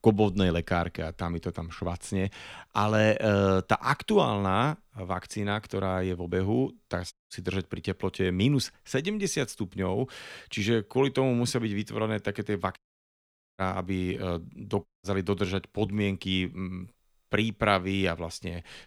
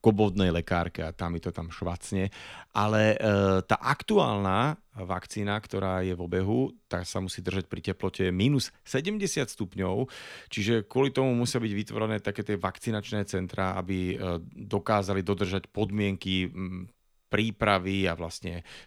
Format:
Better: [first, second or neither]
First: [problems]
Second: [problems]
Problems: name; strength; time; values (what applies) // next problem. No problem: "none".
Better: second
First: audio cutting out; at 7 s, at 13 s for 1 s and at 15 s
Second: none